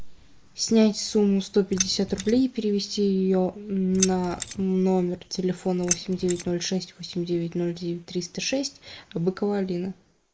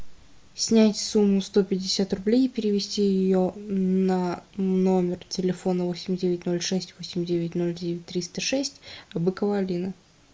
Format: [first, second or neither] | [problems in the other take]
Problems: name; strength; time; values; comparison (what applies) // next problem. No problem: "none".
second | noise reduction (neural mask model Resemble Enhance denoiser)